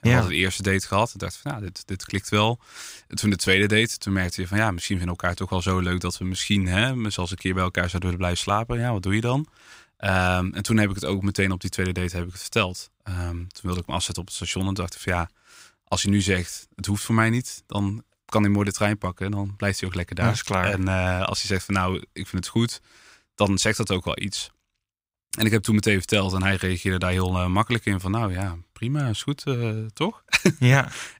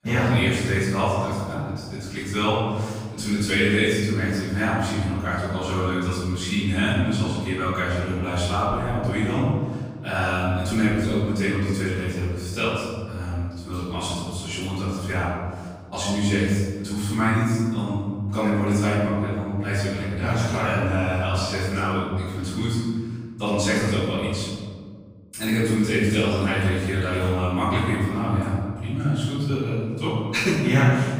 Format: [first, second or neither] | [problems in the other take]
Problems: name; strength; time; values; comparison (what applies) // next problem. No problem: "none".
first | off-mic speech; far // room echo; strong; dies away in 1.8 s